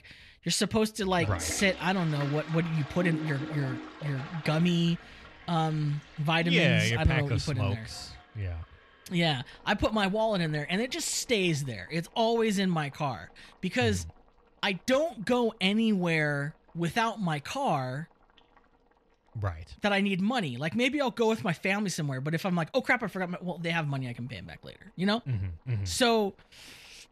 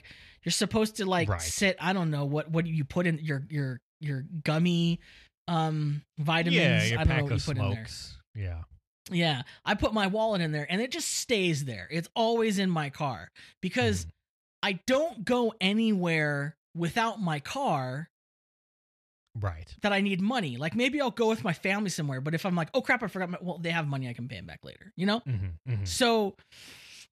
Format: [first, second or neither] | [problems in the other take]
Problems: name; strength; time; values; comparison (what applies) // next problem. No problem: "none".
second | household noises; noticeable; throughout; 15 dB below the speech